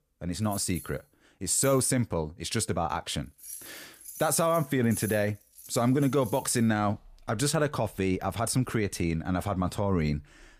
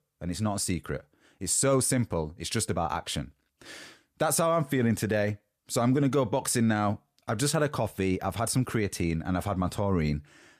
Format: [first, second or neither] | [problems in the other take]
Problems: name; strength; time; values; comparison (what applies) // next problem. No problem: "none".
second | household noises; noticeable; throughout; 15 dB below the speech